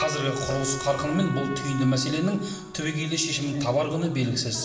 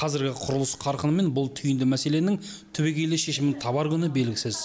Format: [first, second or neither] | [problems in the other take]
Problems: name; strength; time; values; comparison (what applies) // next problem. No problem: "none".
second | background sound (Trumpet); 13 dB below the speech // room echo; dies away in 1.1 s